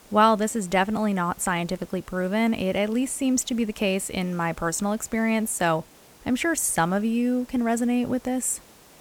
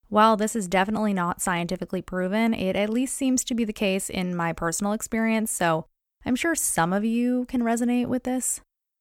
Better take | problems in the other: second | hiss; faint; throughout; 25 dB below the speech

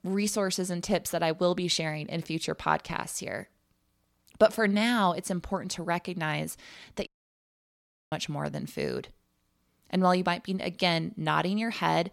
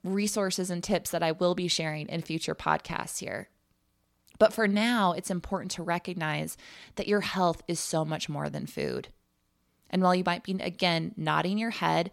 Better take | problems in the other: second | audio cutting out; at 7 s for 1 s

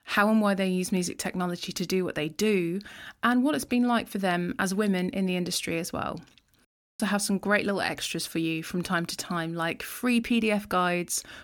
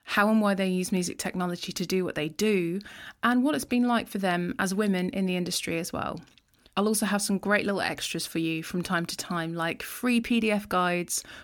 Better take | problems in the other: second | audio cutting out; at 6.5 s

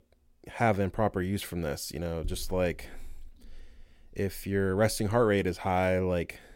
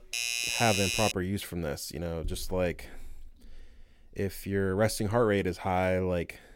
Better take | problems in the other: first | doorbell; loud; until 1 s; peak 2 dB above the speech

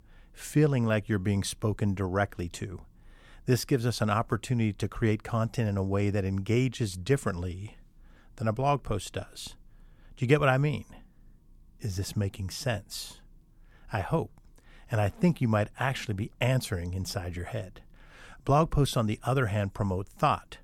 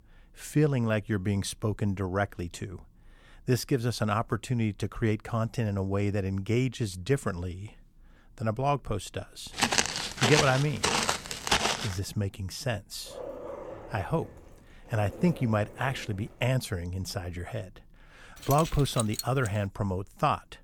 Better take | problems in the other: first | footsteps; loud; from 9.5 to 12 s; peak 5 dB above the speech // dog barking; noticeable; from 13 to 16 s; peak 9 dB below the speech // jangling keys; noticeable; from 18 to 19 s; peak 5 dB below the speech

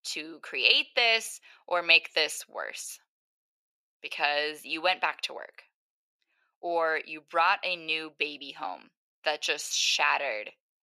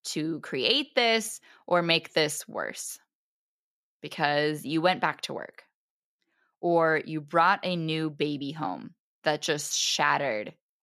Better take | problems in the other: second | thin; very; fading below 600 Hz

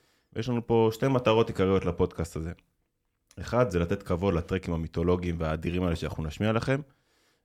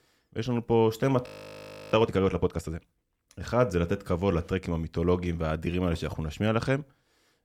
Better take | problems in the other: first | audio freezing; at 1.5 s for 0.5 s

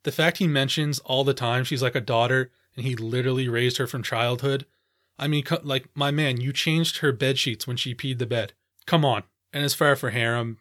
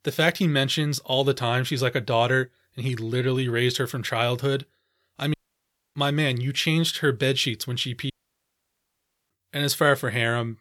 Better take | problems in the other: first | audio cutting out; at 5.5 s for 0.5 s and at 8 s for 1 s

